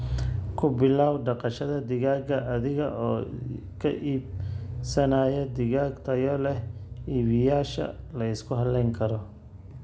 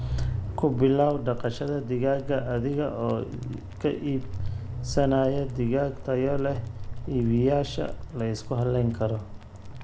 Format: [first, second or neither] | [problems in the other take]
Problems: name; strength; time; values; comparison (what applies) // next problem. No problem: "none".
first | background sound (Boiling); 11 dB below the speech